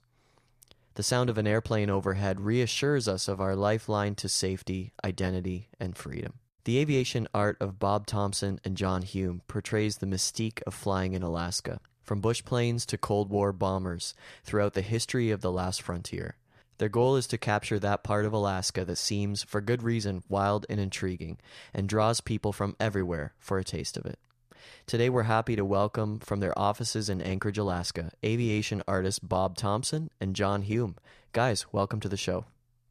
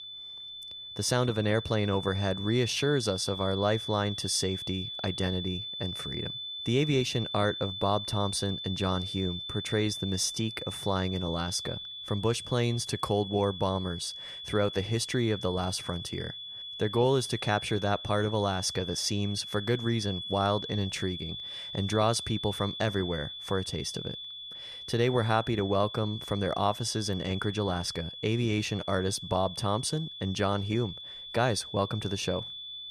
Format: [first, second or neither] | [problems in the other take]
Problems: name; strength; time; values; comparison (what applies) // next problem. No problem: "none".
first | high-pitched whine; loud; throughout; 3.5 kHz, 8 dB below the speech